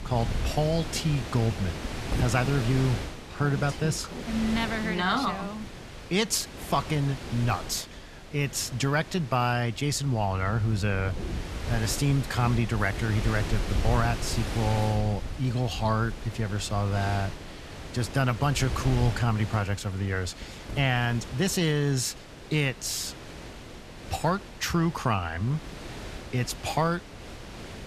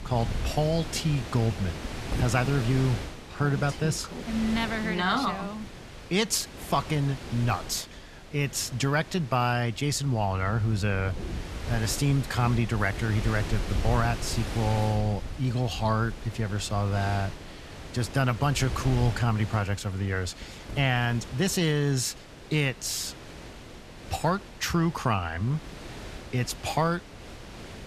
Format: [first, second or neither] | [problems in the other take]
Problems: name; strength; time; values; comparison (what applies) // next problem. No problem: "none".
second | wind noise on the microphone; heavy; 10 dB below the speech; occasional gusts in the second